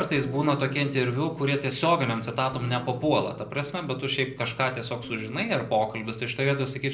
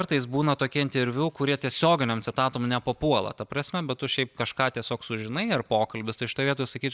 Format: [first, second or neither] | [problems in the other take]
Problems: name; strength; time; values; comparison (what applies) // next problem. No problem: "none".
second | background sound (Guitar); 19 dB below the speech // room echo; dies away in 0.5 s